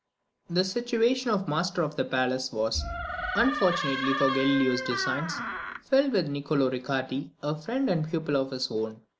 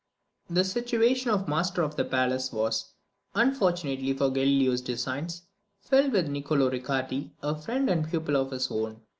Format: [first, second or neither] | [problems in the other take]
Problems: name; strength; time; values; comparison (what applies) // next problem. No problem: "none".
second | background sound (Door); 4 dB below the speech